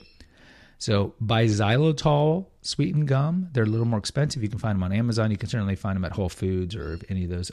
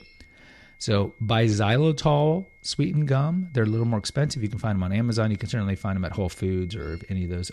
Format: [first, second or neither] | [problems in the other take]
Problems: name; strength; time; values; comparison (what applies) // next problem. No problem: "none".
first | high-pitched whine; faint; throughout; 2 kHz, 25 dB below the speech